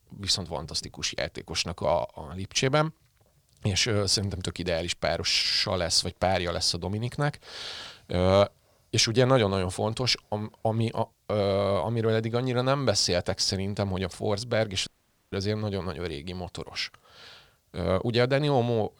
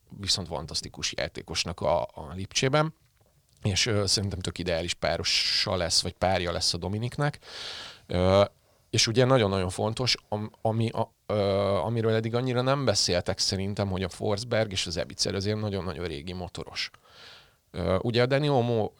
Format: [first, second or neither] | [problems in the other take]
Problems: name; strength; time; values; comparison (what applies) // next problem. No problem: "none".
second | audio cutting out; at 15 s